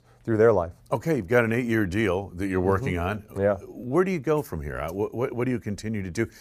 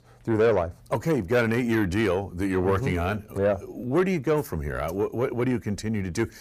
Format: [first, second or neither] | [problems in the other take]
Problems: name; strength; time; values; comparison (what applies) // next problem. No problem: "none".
first | distortion; slight; 10 dB below the speech